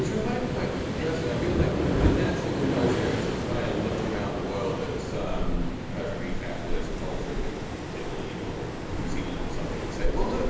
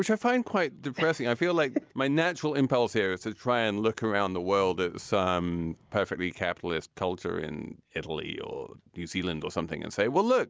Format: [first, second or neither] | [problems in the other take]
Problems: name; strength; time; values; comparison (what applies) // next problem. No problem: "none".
second | background sound (Waves, surf); 4 dB above the speech // room echo; dies away in 1.1 s